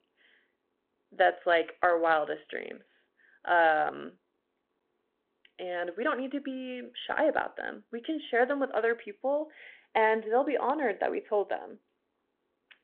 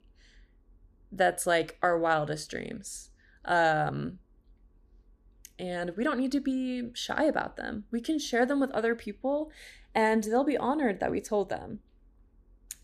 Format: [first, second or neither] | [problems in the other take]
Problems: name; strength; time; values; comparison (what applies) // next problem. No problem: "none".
second | phone-call audio